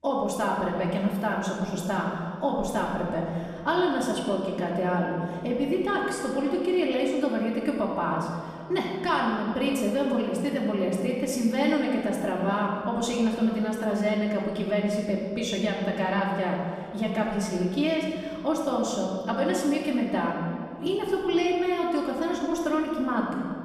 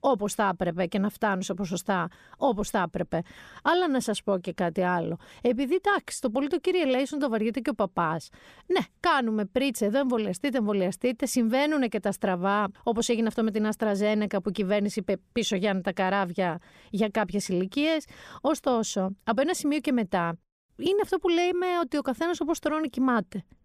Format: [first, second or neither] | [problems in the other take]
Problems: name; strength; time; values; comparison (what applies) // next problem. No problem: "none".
second | off-mic speech; far // room echo; noticeable; dies away in 2.2 s